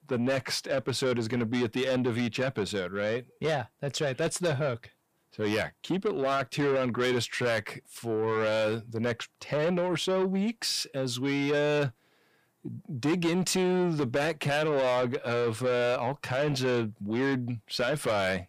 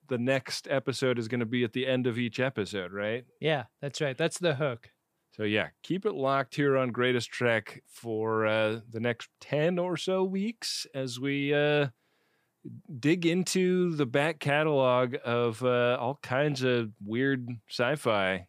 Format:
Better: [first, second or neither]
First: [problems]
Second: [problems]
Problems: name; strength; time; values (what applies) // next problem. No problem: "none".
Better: second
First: distortion; heavy; 8 dB below the speech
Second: none